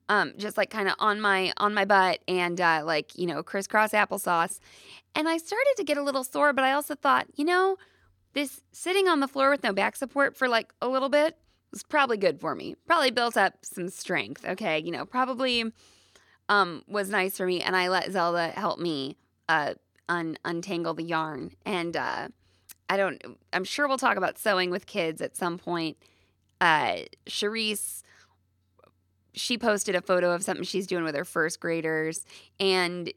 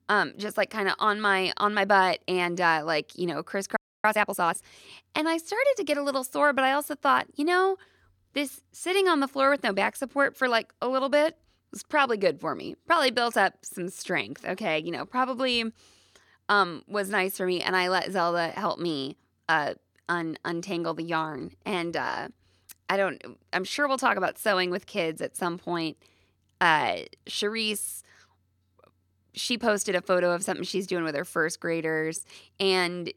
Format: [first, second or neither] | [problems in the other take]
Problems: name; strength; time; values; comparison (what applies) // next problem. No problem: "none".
first | audio freezing; at 4 s